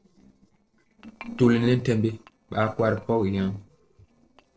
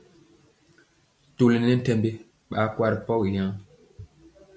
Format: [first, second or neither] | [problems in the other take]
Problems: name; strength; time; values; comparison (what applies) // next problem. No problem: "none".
second | noise reduction (neural separator model SepFormer DNS4)